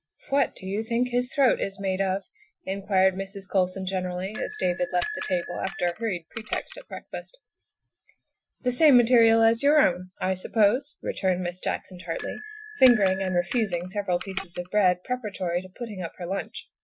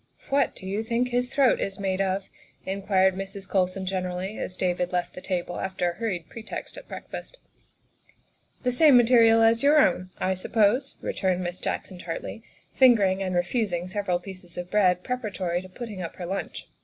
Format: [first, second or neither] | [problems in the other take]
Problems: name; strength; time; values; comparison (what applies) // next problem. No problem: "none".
second | noise reduction (classical method Wiener filter)